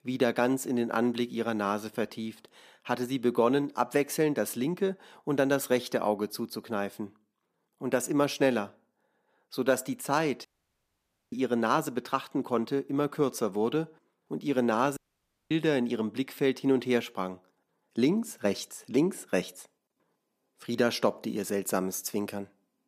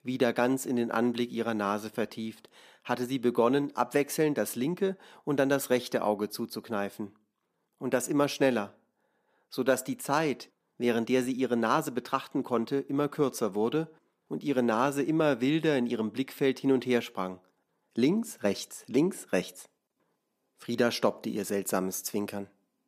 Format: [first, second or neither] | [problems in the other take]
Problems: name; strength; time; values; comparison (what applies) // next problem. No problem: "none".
second | audio cutting out; at 10 s for 1 s and at 15 s for 0.5 s